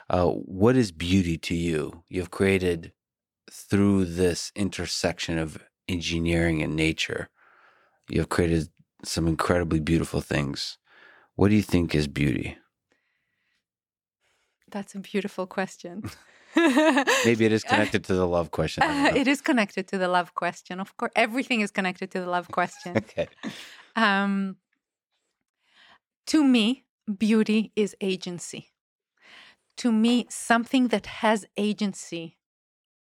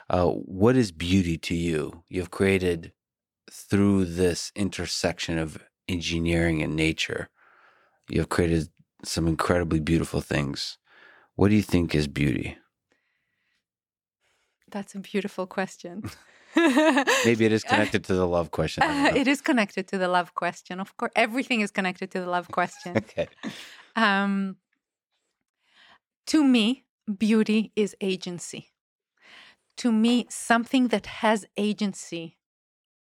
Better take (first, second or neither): neither